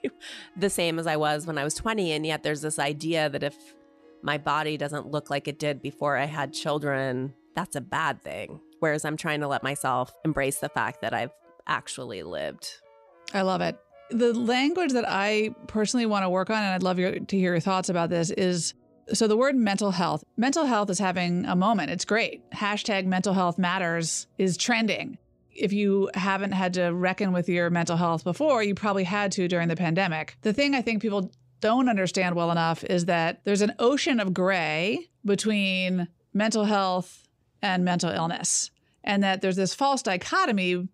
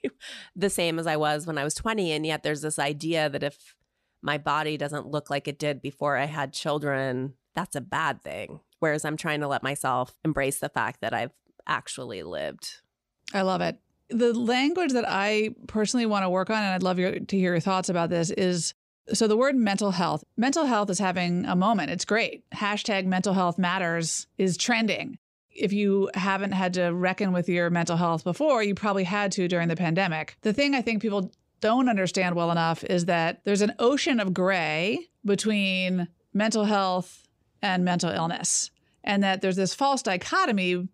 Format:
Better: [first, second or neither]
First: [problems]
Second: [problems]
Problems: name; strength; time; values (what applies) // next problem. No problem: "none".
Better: second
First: background music; faint; throughout; 30 dB below the speech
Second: none